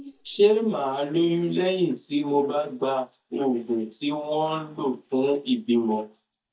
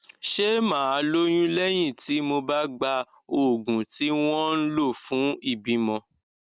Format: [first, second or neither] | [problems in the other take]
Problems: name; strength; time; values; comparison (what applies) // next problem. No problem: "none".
second | noise reduction (neural mask model DeepFilterNet 3)